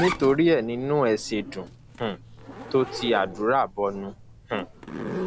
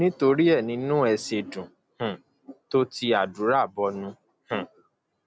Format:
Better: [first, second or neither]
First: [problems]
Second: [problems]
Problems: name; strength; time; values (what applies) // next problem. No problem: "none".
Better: second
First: background sound (Zipper (clothing)); 11 dB below the speech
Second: none